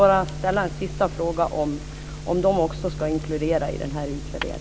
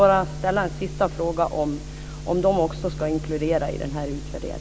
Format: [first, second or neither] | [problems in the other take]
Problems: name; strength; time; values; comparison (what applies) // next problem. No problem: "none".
second | background sound (Fire); 18 dB below the speech